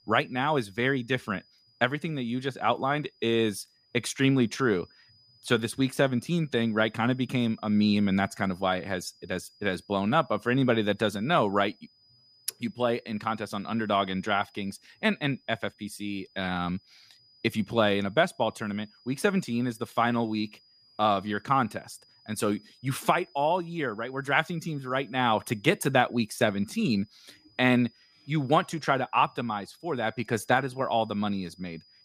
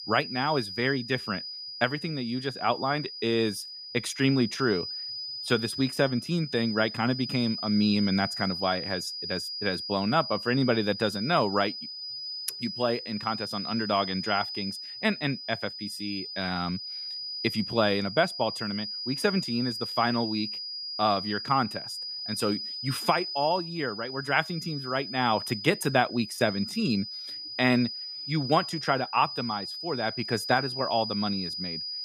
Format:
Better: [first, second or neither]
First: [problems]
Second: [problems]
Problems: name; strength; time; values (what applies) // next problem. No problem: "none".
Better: first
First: high-pitched whine; faint; throughout; 5 kHz, 30 dB below the speech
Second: high-pitched whine; loud; throughout; 5 kHz, 6 dB below the speech